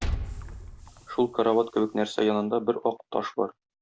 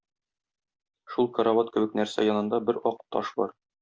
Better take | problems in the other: second | background sound (Liquid); 10 dB below the speech

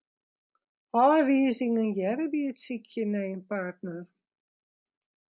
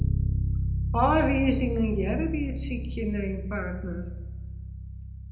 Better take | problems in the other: first | background sound (Bass guitar); as loud as the speech // room echo; dies away in 0.8 s

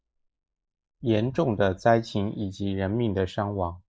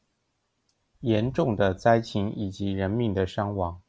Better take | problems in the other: second | noise reduction (neural mask model Resemble Enhance denoiser)

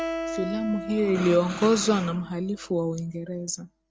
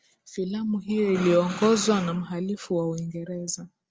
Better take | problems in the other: second | background sound (Acoustic guitar); 11 dB below the speech

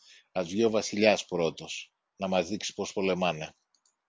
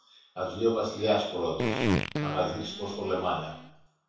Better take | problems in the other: first | background sound (Fart); 1 dB below the speech // room echo; dies away in 0.7 s

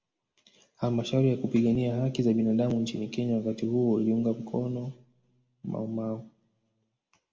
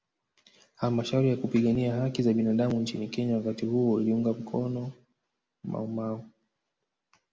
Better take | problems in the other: second | room echo; dies away in 0.3 s

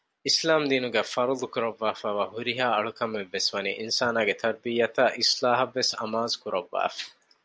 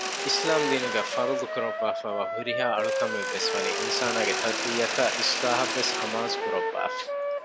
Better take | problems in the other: first | background sound (Mechanisms + Wind instrument, woodwind instrument); as loud as the speech

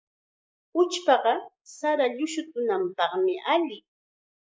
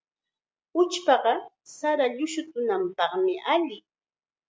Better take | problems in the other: second | noise reduction (neural mask model Resemble Enhance denoiser)

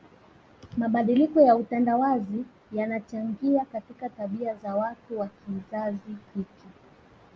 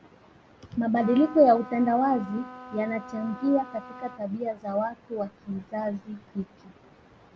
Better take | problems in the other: first | background sound (Trumpet); 16 dB below the speech

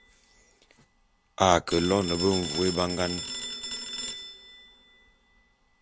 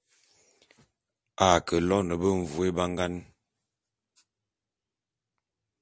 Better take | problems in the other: second | background sound (Telephone); 8 dB below the speech

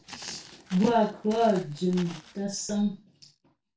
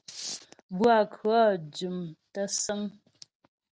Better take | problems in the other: second | background sound (Walk, footsteps); 18 dB below the speech // room echo; dies away in 0.2 s

